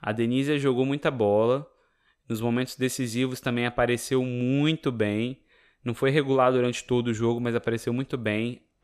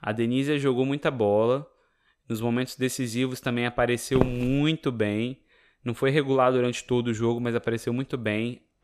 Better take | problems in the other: first | footsteps; noticeable; at 4 s; peak 3 dB below the speech

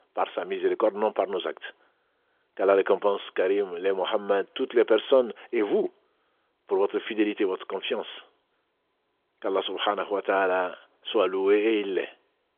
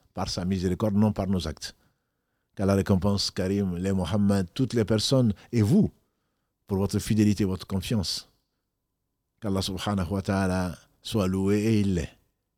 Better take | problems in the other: second | phone-call audio; nothing above 3.5 kHz

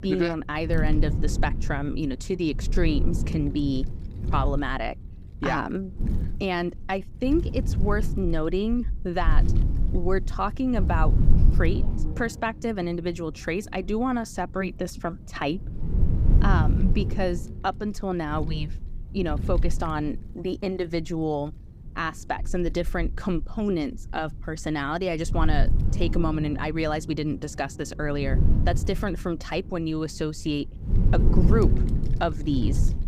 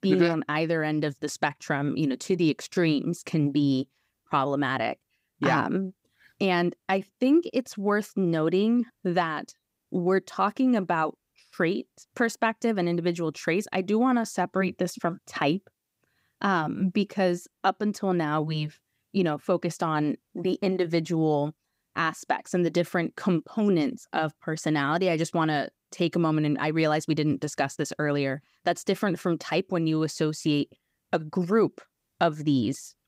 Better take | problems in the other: second | wind noise on the microphone; occasional gusts; 10 dB below the speech

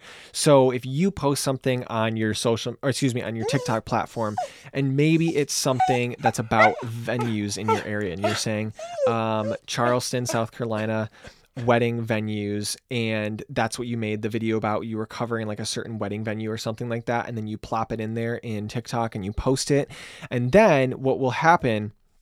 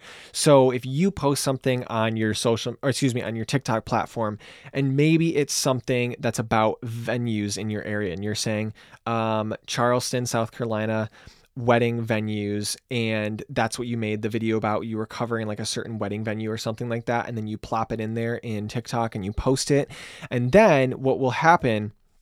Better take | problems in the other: second | dog barking; loud; from 3.5 to 11 s; peak 4 dB above the speech

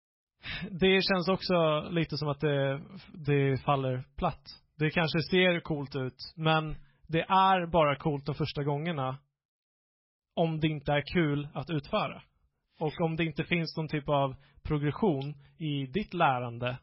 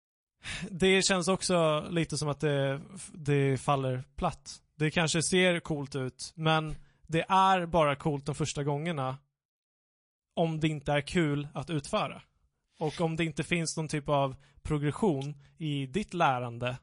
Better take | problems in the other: second | garbled, watery; badly; nothing above 5.5 kHz; slightly in the second

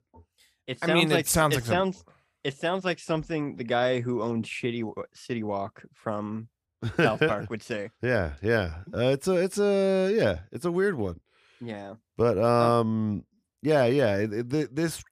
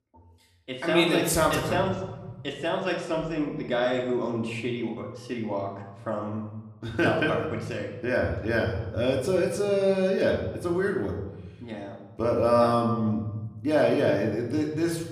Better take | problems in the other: first | room echo; slight; dies away in 1 s // off-mic speech; somewhat distant

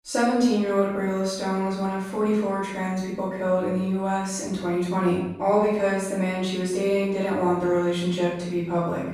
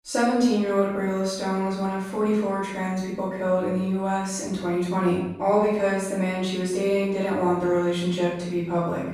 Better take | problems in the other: neither | room echo; noticeable; dies away in 0.7 s; the same in both // off-mic speech; far; the same in both

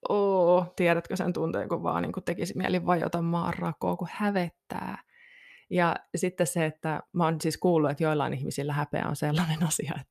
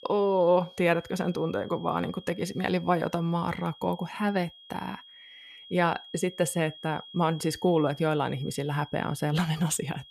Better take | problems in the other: first | high-pitched whine; noticeable; throughout; 3.5 kHz, 20 dB below the speech

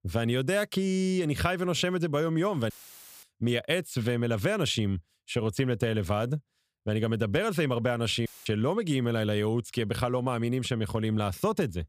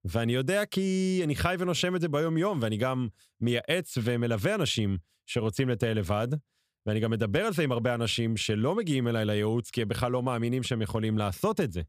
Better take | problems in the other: second | audio cutting out; filled with static; at 2.5 s for 0.5 s and at 8.5 s

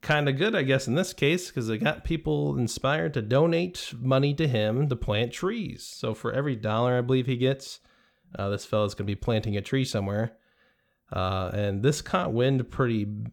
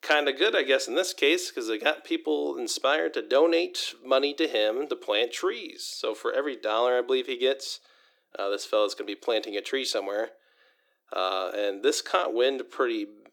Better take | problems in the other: first | thin; very; fading below 300 Hz

